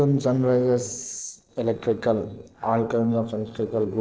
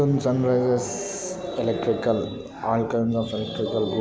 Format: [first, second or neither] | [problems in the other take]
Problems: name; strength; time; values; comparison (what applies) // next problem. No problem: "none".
second | noise reduction (neural separator model SepFormer DNS4)